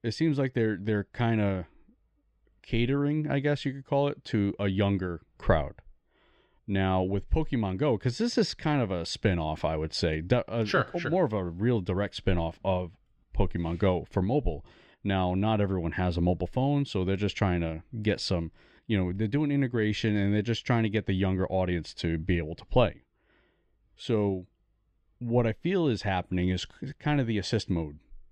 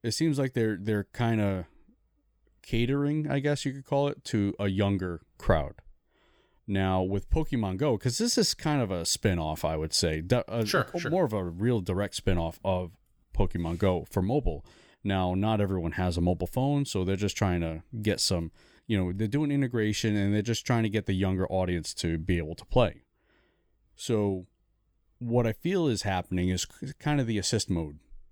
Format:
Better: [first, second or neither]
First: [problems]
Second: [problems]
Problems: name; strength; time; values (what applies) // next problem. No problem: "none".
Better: second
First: muffled; very slightly; fading above 3 kHz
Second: none